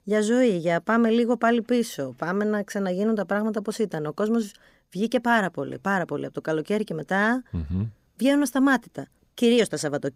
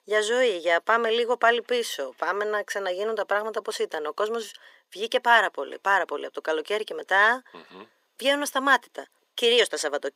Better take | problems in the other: first | thin; very; fading below 400 Hz

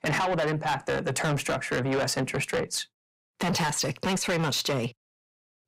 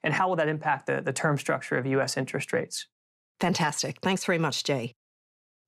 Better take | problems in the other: second | distortion; heavy; 6 dB below the speech

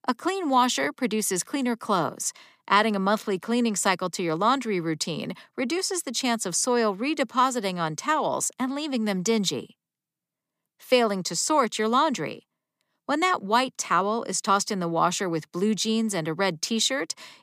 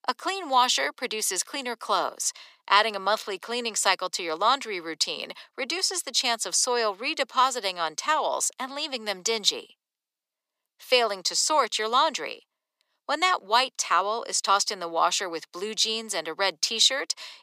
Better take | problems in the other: first | thin; very; fading below 600 Hz

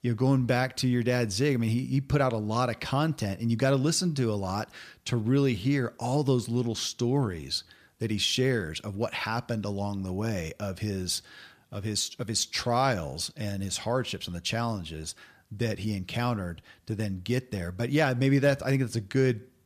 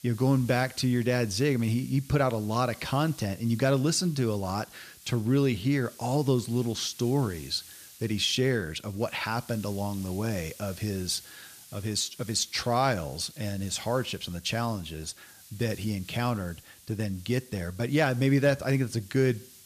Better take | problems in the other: first | hiss; noticeable; throughout; 20 dB below the speech

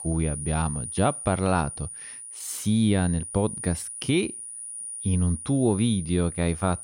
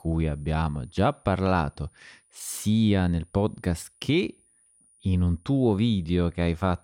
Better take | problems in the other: second | high-pitched whine; loud; throughout; 9.5 kHz, 9 dB below the speech; faint in the second

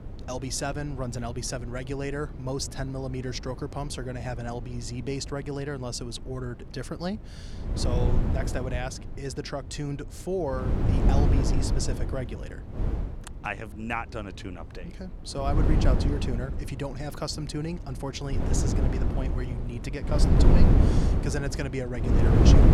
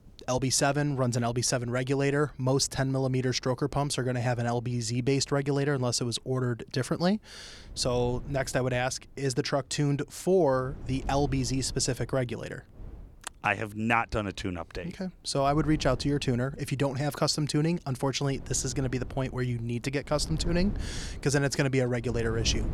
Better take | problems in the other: second | wind noise on the microphone; heavy; as loud as the speech; occasional gusts in the second

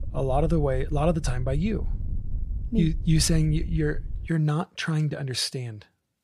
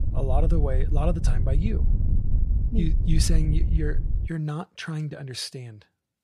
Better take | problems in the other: first | wind noise on the microphone; heavy; until 4.5 s; 9 dB below the speech; occasional gusts in the first

